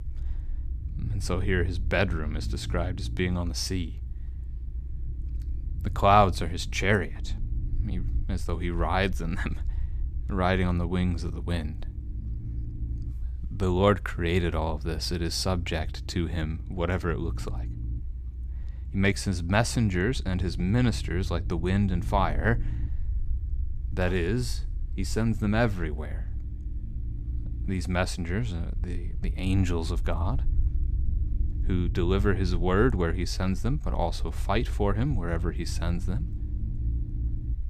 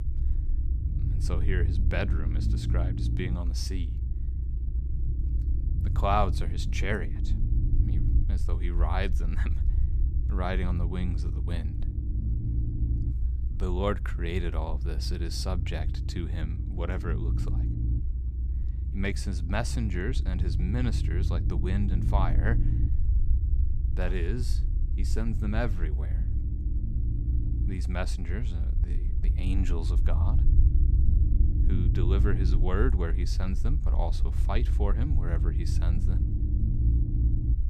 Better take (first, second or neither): first